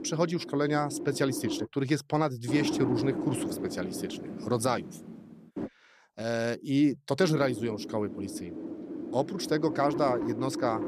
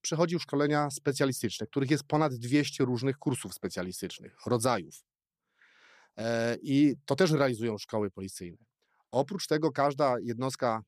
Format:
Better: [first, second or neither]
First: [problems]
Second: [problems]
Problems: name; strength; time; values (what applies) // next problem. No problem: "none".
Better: second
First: wind noise on the microphone; heavy; until 1.5 s, from 2.5 to 5.5 s and from 7 s on; 8 dB below the speech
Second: none